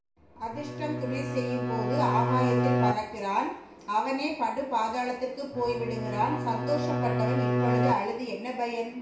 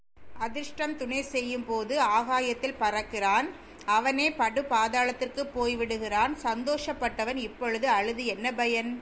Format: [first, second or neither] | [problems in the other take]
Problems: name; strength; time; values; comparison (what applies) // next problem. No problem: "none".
second | background sound (Bowed string instrument); 1 dB above the speech // room echo; dies away in 0.6 s